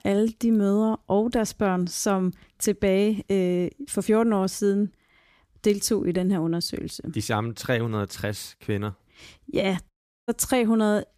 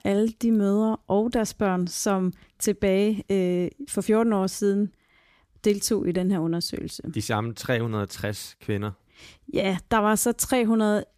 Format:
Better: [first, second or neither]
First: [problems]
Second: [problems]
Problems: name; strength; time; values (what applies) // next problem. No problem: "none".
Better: second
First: audio cutting out; at 10 s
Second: none